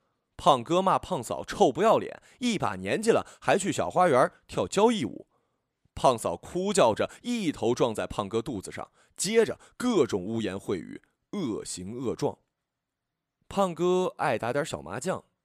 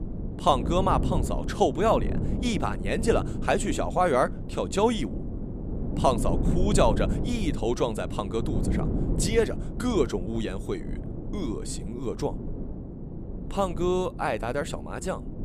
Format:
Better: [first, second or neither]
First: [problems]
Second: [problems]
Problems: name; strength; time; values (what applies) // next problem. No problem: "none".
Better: first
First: none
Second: wind noise on the microphone; occasional gusts; 10 dB below the speech